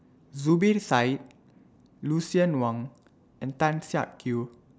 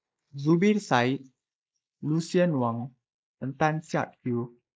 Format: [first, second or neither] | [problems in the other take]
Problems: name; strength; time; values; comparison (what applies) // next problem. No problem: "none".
first | noise reduction (neural mask model Resemble Enhance denoiser)